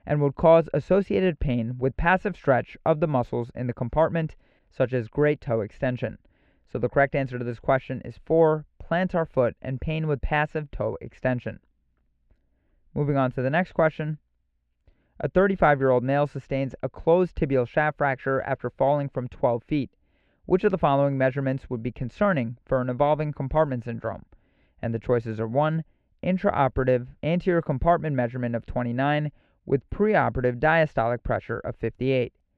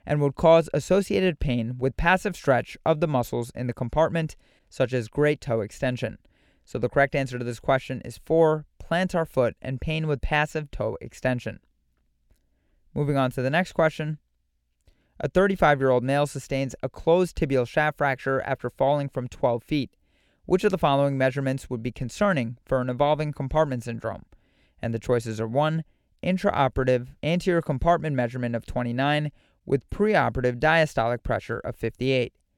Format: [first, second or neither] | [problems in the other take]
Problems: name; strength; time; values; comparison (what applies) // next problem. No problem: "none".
second | muffled; slightly; fading above 2 kHz